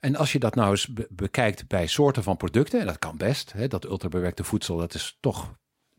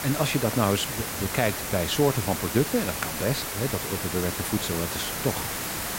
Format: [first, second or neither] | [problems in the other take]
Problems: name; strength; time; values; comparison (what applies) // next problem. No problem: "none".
first | hiss; loud; throughout; 2 dB below the speech